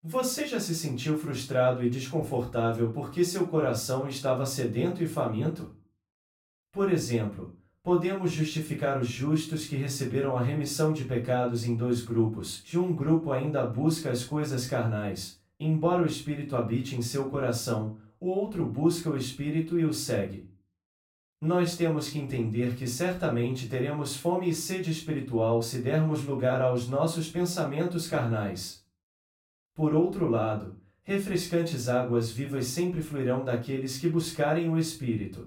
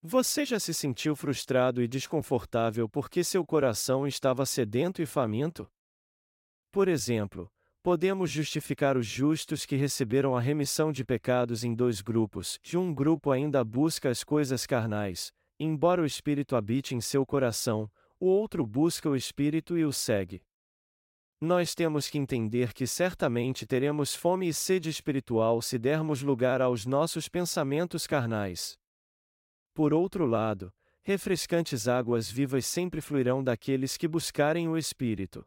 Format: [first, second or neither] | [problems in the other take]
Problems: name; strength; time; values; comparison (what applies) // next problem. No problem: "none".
second | off-mic speech; far // room echo; slight; dies away in 0.3 s